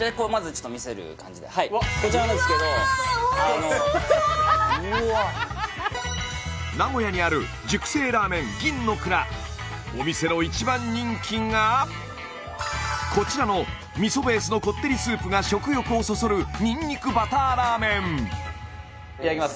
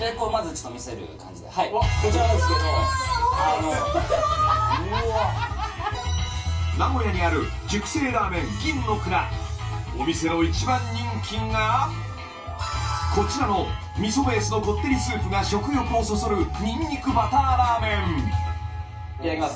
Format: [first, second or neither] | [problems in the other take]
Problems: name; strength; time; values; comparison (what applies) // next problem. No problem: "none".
first | room echo; dies away in 0.3 s